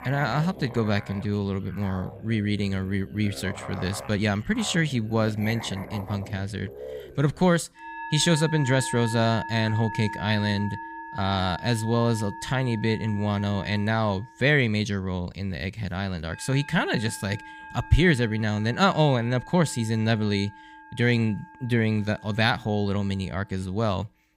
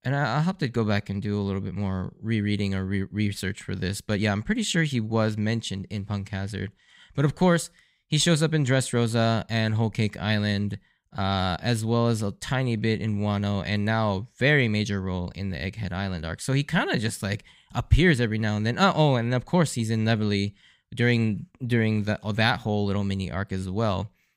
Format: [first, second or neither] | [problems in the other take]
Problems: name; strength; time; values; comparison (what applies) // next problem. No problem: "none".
second | background music; noticeable; throughout; 15 dB below the speech